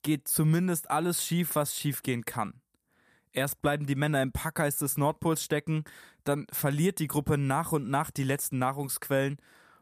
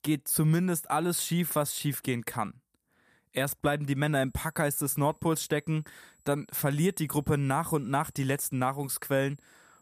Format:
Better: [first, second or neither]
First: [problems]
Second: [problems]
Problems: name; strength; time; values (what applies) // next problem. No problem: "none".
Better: first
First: none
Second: high-pitched whine; faint; from 4 s on; 8 kHz, 35 dB below the speech